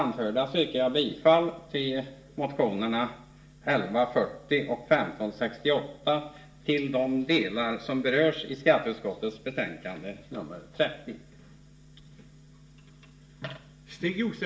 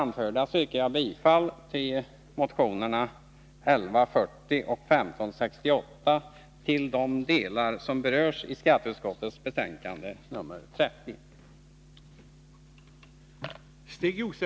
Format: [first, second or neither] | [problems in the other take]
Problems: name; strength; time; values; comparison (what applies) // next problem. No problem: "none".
second | room echo; dies away in 0.5 s